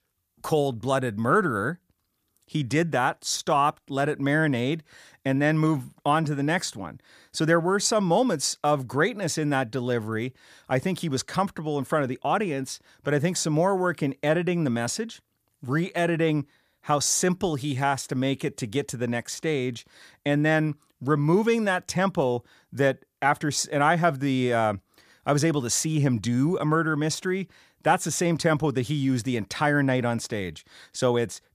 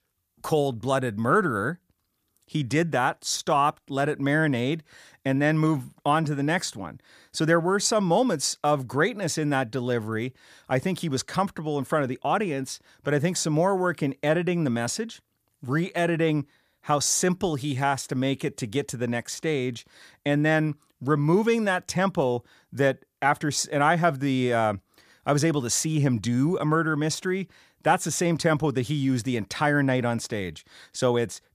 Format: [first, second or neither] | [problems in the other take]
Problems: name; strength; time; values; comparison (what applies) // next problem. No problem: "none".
neither | none